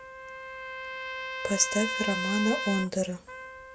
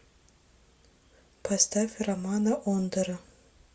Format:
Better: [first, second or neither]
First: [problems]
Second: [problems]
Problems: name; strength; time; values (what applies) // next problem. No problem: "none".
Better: second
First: background sound (Trumpet); 4 dB below the speech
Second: none